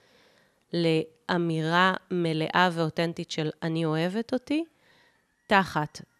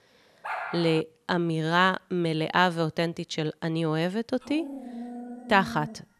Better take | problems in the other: first | dog barking; noticeable; at 0.5 s; peak 7 dB below the speech // dog barking; faint; from 4.5 s on; peak 10 dB below the speech

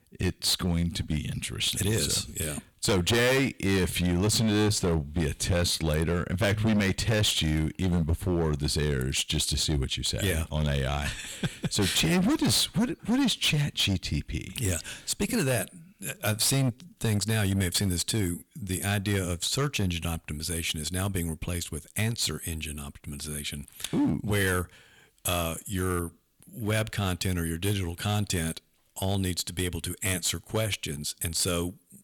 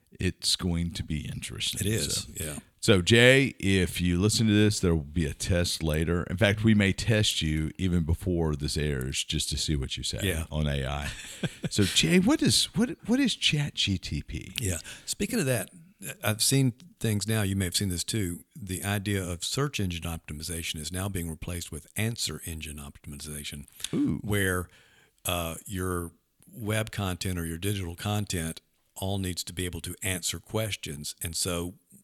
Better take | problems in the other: second | distortion; heavy; 10% of the sound clipped

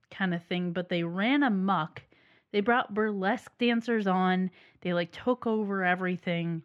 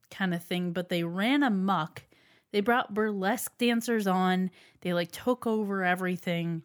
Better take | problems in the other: second | muffled; slightly; fading above 3 kHz

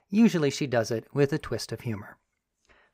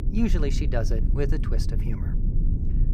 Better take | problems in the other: first | low rumble; loud; throughout; 8 dB below the speech

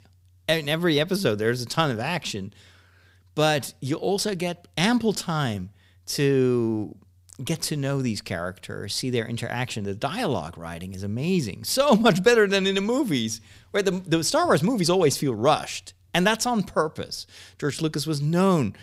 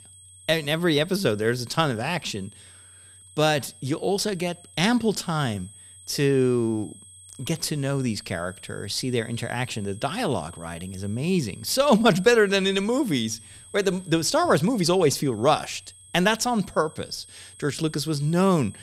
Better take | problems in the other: first | high-pitched whine; faint; throughout; 8.5 kHz, 20 dB below the speech

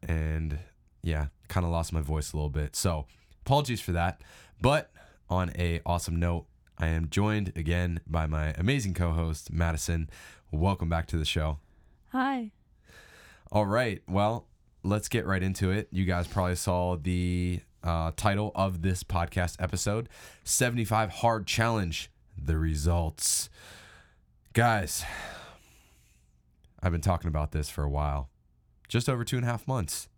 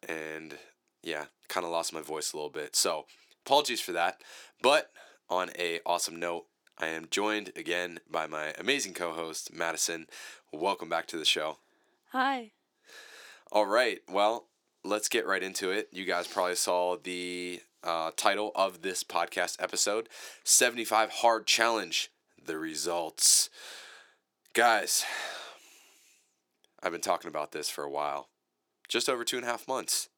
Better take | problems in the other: first | thin; very; fading below 350 Hz

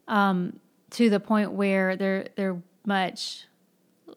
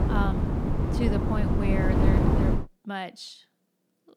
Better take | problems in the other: first | wind noise on the microphone; heavy; until 2.5 s; 3 dB above the speech

